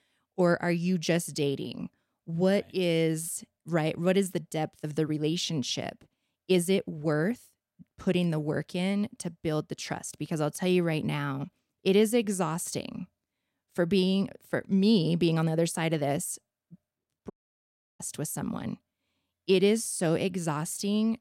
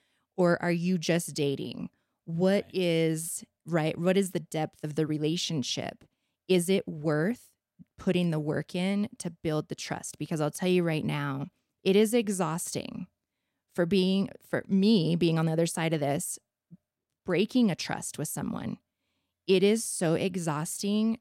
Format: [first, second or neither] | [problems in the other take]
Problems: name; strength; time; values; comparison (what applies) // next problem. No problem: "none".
second | audio cutting out; at 17 s for 0.5 s